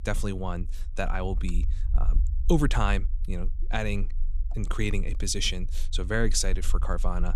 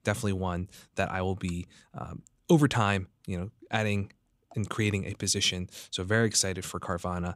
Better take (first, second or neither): second